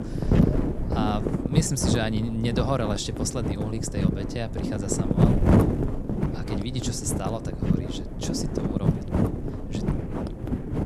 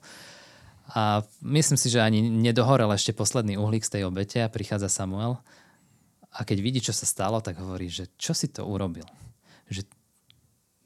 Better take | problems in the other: second | wind noise on the microphone; heavy; as loud as the speech

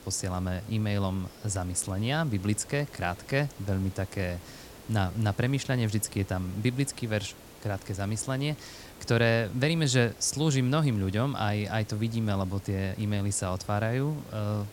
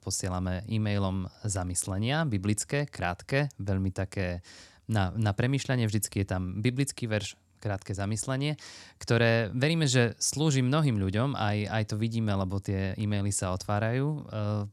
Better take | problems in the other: second | hiss; noticeable; throughout; 20 dB below the speech

